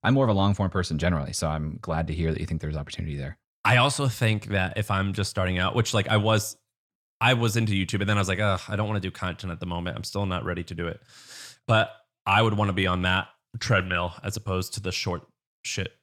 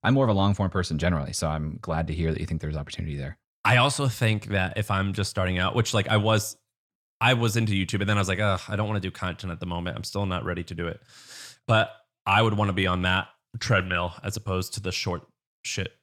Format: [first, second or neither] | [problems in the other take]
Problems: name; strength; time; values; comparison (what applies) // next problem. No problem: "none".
neither | none